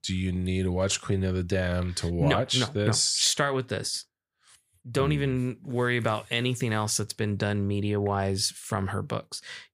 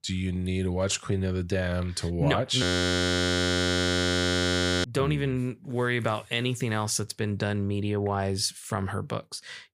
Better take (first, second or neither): first